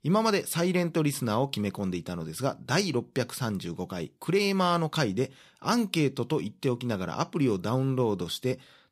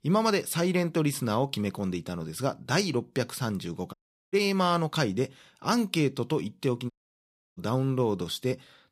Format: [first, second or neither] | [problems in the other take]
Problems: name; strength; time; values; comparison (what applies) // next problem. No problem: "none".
first | audio cutting out; at 4 s and at 7 s for 0.5 s